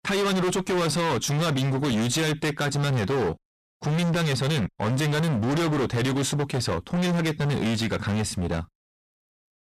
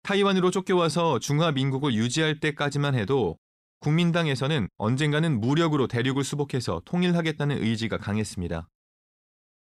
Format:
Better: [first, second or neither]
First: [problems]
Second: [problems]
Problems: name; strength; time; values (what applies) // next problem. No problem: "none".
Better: second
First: distortion; heavy; 39% of the sound clipped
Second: none